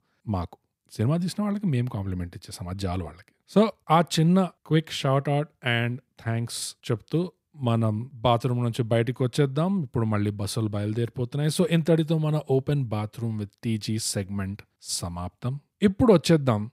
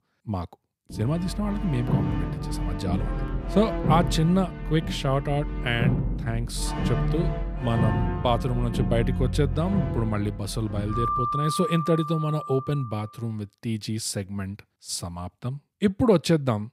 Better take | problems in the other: first | background music; loud; until 13 s; 2 dB below the speech

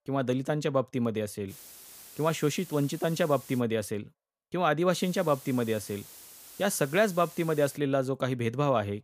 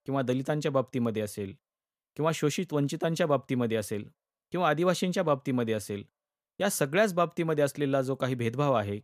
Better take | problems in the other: second | hiss; noticeable; from 1.5 to 3.5 s and from 5 to 8 s; 20 dB below the speech

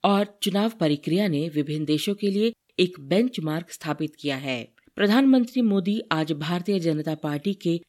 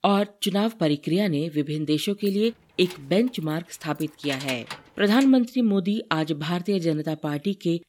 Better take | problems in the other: first | jangling keys; faint; from 2.5 to 5.5 s; peak 10 dB below the speech

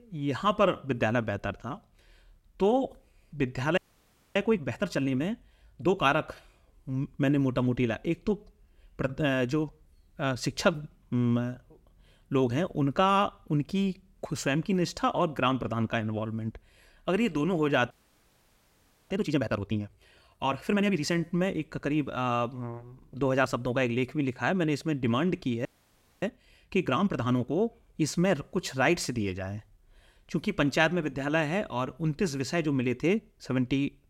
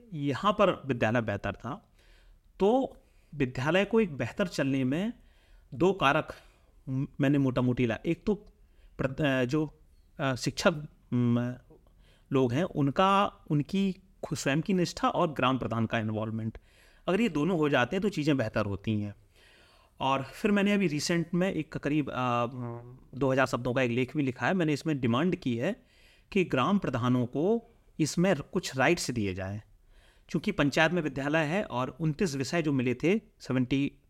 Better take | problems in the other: second | audio freezing; at 4 s for 0.5 s, at 18 s for 1 s and at 26 s for 0.5 s

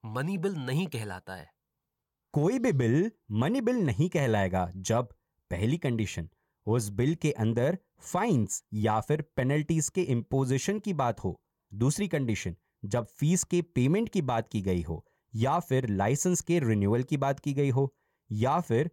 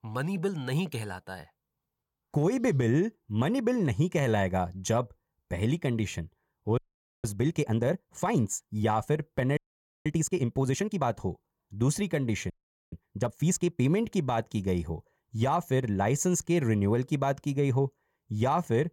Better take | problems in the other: first | audio freezing; at 7 s, at 9.5 s and at 13 s

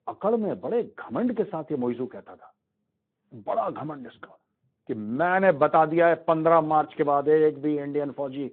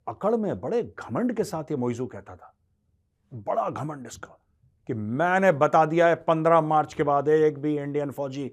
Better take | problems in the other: second | phone-call audio

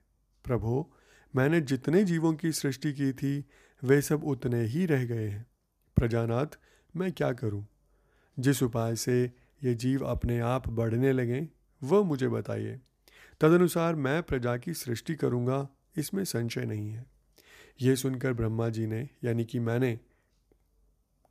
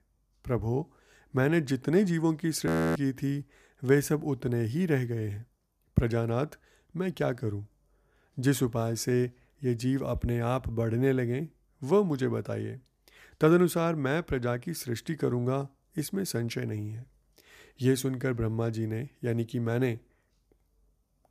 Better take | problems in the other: first | audio freezing; at 2.5 s

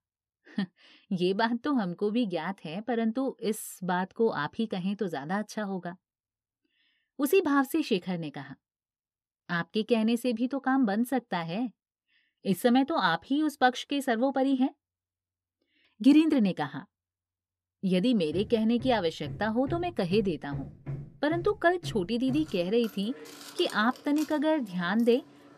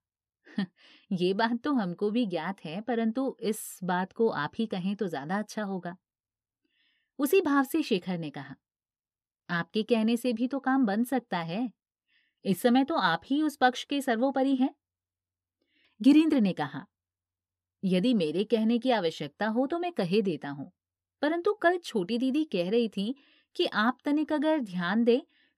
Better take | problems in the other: second | machinery noise; noticeable; from 18 s on; 15 dB below the speech

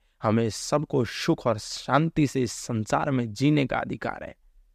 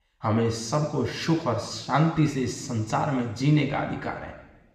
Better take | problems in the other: first | room echo; slight; dies away in 1.1 s // off-mic speech; somewhat distant

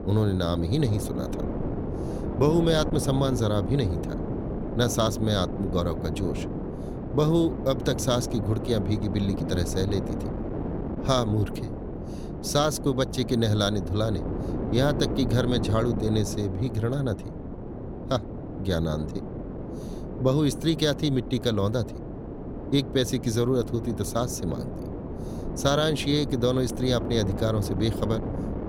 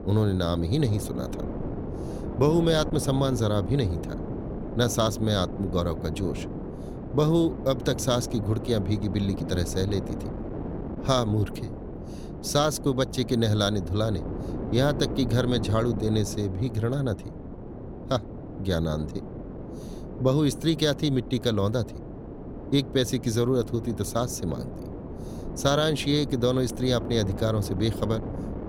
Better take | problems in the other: second | wind noise on the microphone; heavy; 9 dB below the speech; occasional gusts in the second

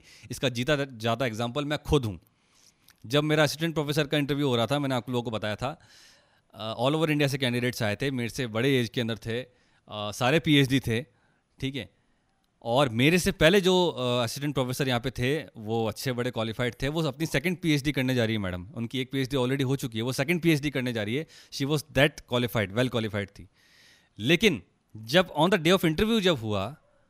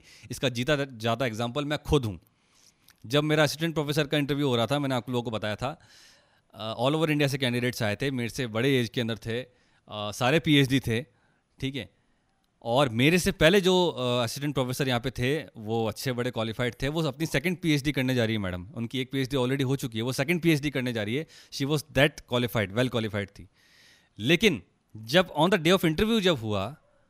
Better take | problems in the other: neither | none

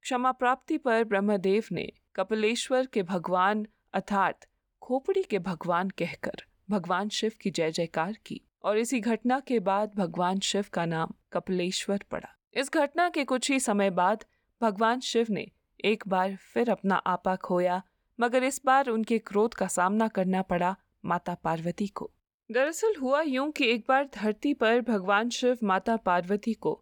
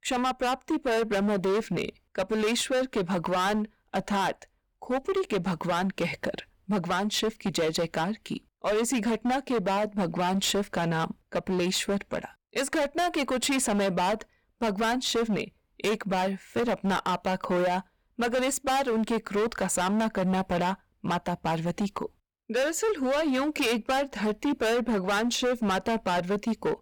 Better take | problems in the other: first | distortion; heavy; 21% of the sound clipped

